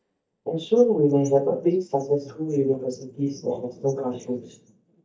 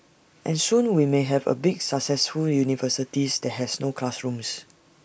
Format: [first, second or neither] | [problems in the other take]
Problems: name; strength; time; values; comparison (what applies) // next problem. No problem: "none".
second | noise reduction (neural mask model DeepFilterNet 3)